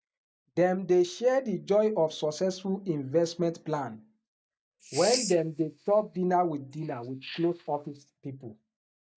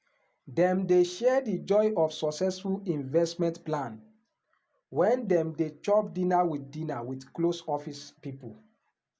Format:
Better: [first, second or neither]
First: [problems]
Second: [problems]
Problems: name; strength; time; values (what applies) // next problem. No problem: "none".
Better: second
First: noise reduction (neural mask model DeepFilterNet 3)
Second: none